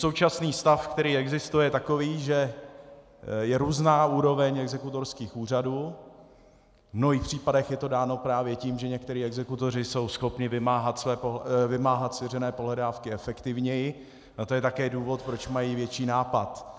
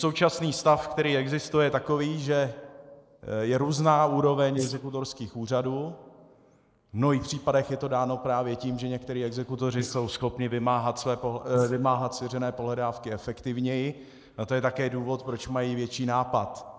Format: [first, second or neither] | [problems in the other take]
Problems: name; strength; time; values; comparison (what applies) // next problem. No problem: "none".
first | noise reduction (neural mask model Resemble Enhance denoiser)